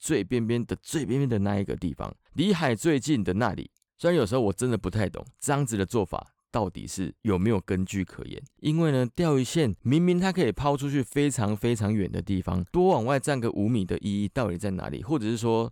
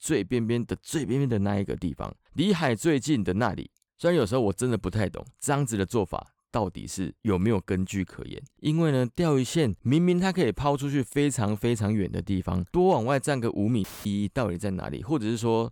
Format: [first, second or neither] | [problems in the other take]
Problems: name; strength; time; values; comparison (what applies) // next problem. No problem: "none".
first | audio cutting out; filled with static; at 14 s